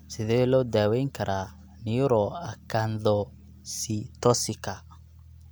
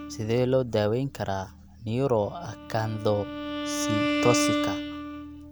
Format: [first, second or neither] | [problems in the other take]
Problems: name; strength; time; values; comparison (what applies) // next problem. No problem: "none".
first | background sound (Bowed string instrument); 3 dB below the speech